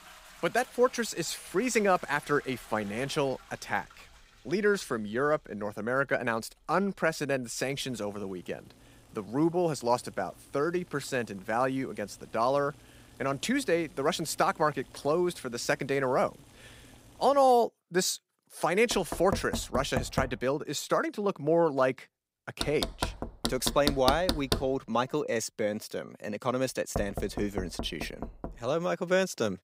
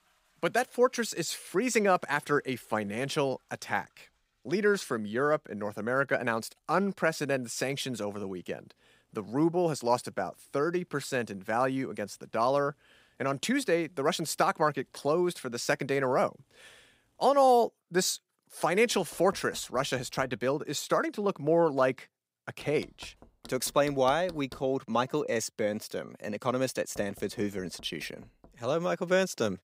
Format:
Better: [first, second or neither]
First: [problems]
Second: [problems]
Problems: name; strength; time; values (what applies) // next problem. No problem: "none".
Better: second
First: household noises; loud; throughout; 7 dB below the speech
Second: household noises; faint; throughout; 25 dB below the speech